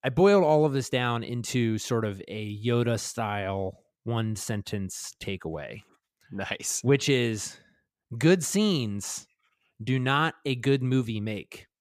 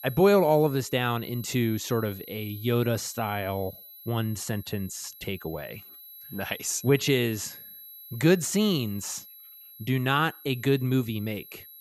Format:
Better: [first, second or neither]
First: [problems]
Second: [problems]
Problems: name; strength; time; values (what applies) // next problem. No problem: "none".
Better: first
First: none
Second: high-pitched whine; noticeable; throughout; 11.5 kHz, 15 dB below the speech